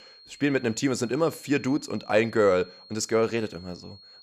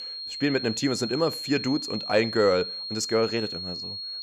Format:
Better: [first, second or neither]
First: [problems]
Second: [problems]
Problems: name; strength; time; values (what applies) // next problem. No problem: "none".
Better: first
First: high-pitched whine; faint; throughout; 4 kHz, 20 dB below the speech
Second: high-pitched whine; loud; throughout; 4 kHz, 6 dB below the speech